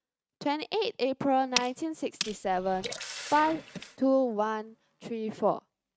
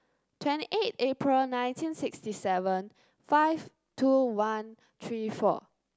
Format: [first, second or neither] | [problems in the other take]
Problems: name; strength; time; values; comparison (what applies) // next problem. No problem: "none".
second | noise reduction (neural mask model RNNoise)